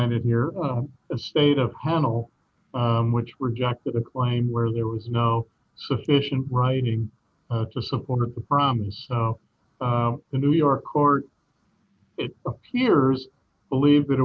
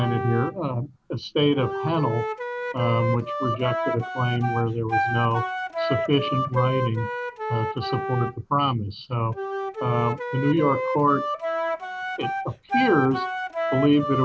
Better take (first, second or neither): first